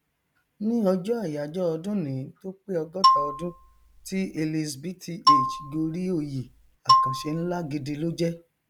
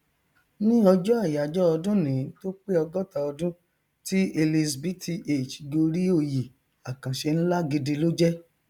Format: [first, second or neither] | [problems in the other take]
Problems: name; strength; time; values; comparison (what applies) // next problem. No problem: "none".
second | background sound (Marimba, xylophone); 4 dB above the speech